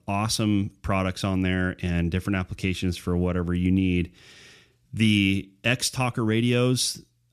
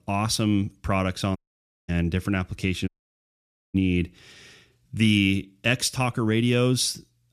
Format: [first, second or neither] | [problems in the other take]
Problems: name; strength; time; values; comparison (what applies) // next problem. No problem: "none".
first | audio cutting out; at 1.5 s for 0.5 s and at 3 s for 1 s